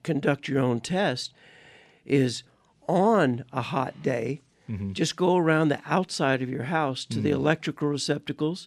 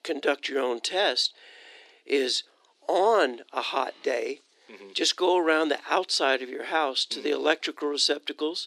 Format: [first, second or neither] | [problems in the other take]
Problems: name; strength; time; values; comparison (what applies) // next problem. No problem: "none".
first | thin; somewhat; fading below 350 Hz